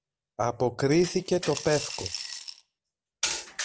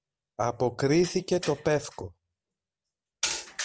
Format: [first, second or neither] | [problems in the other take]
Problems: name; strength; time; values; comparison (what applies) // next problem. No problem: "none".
second | background sound (Coin (dropping) / Glass); 10 dB below the speech